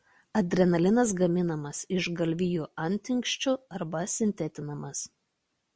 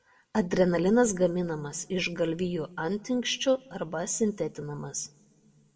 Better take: first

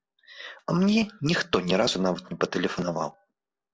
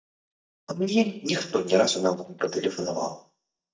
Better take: first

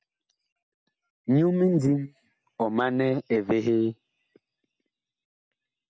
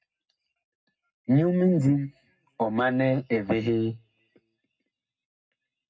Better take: first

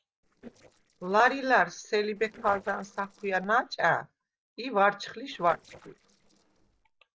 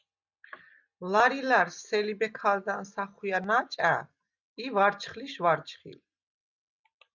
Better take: second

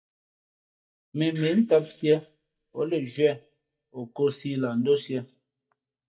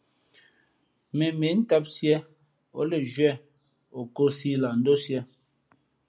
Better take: second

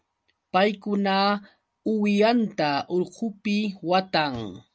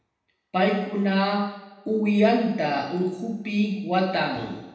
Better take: first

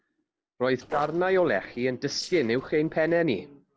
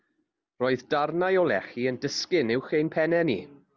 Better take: second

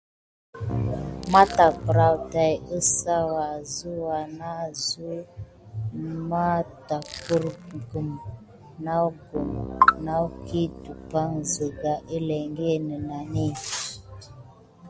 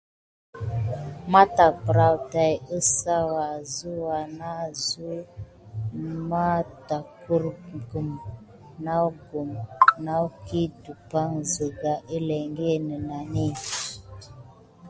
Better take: second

